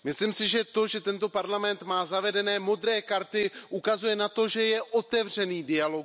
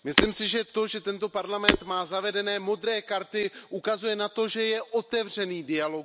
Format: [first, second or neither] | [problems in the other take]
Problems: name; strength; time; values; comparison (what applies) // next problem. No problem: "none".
first | background sound (Shatter); 1 dB below the speech